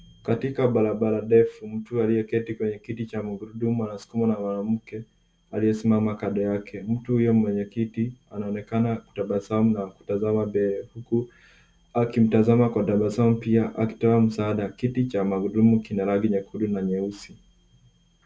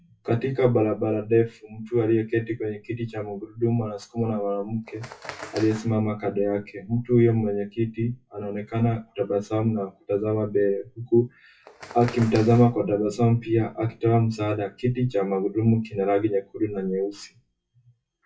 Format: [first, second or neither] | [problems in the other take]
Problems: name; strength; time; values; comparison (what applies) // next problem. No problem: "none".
first | noise reduction (classical method WPE with log-MMSE)